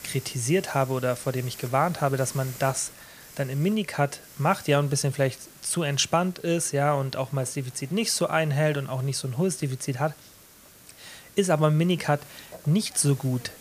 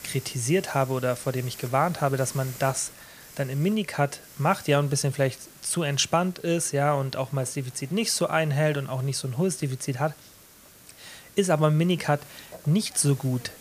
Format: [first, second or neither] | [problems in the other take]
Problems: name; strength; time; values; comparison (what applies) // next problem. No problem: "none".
neither | hiss; noticeable; throughout; 20 dB below the speech; the same in both